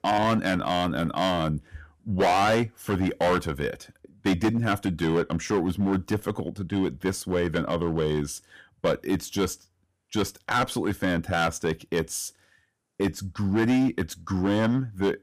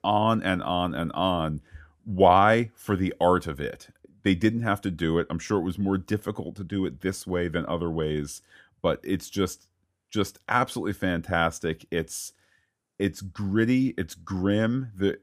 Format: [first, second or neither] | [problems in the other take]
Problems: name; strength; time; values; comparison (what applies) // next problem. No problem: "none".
second | distortion; heavy; 8% of the sound clipped